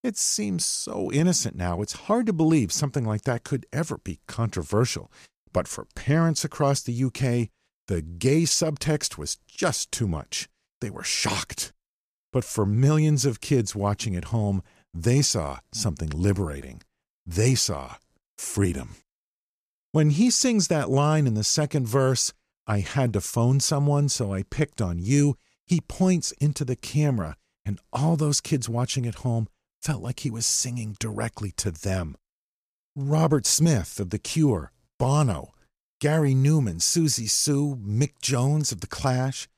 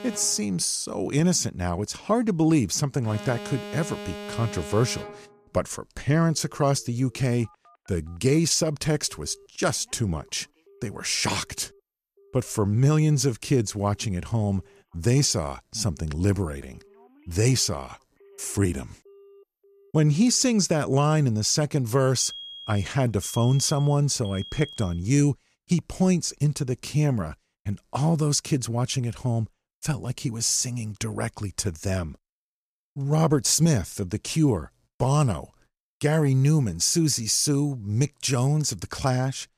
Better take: first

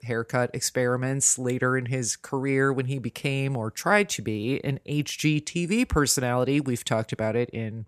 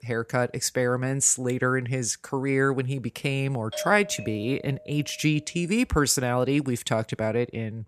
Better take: first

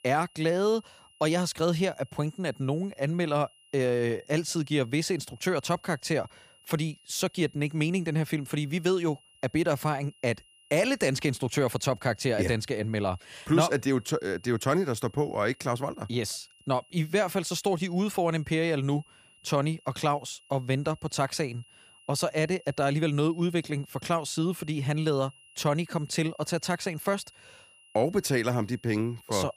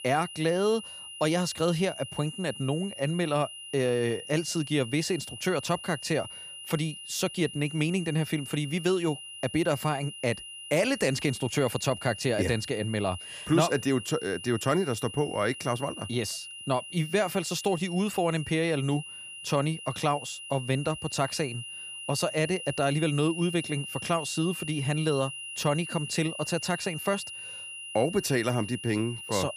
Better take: first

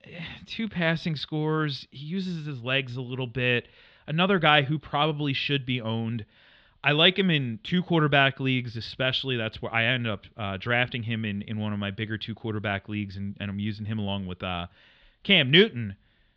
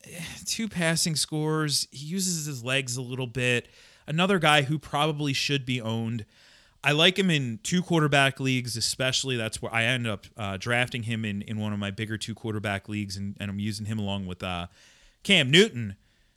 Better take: second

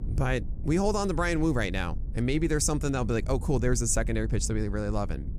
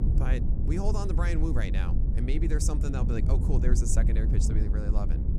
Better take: first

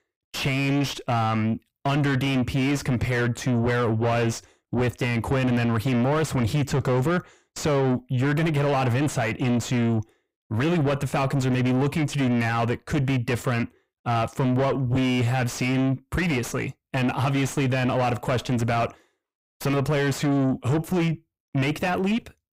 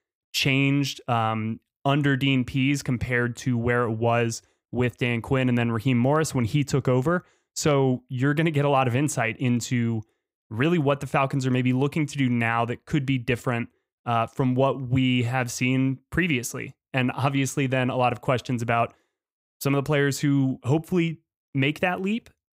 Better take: second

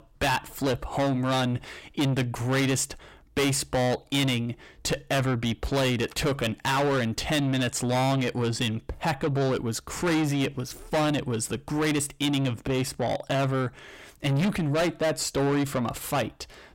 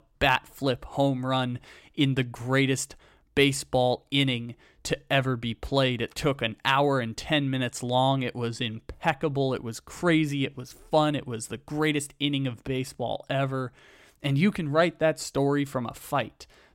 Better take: second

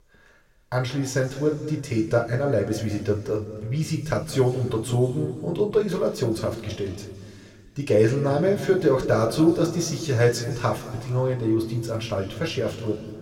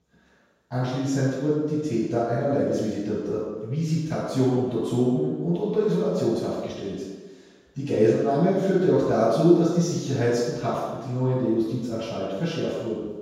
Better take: first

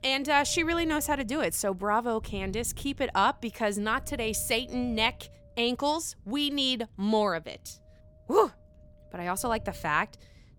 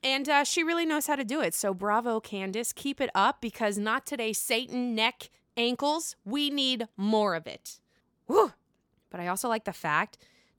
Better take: second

